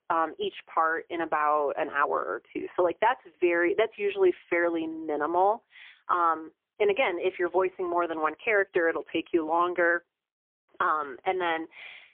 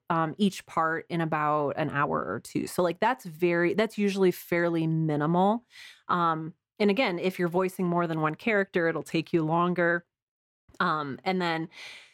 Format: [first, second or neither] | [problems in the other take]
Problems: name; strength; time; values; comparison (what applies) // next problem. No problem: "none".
second | phone-call audio; poor line; nothing above 3.5 kHz